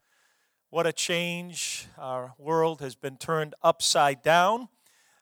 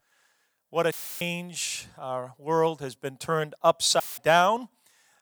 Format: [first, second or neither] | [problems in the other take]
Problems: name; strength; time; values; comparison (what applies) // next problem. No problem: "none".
first | audio cutting out; filled with static; at 1 s and at 4 s